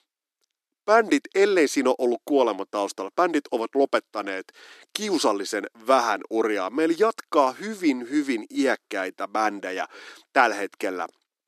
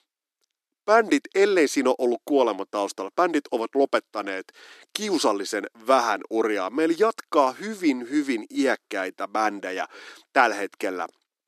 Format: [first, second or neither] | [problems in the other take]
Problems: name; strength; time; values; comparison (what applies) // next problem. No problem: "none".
neither | thin; somewhat; fading below 300 Hz; the same in both